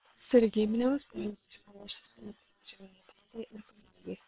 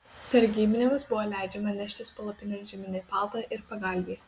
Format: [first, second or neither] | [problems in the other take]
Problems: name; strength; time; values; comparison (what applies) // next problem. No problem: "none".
second | noise reduction (neural separator model SepFormer WHAM!)